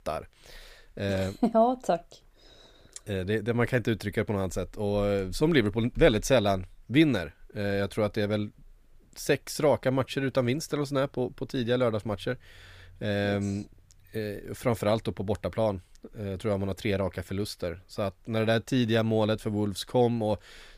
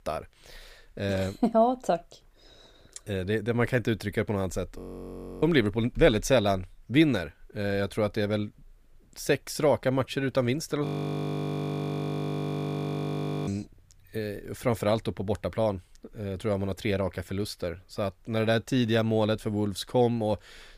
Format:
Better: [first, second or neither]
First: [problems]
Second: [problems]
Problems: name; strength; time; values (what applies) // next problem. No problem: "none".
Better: first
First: none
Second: audio freezing; at 5 s for 0.5 s and at 11 s for 2.5 s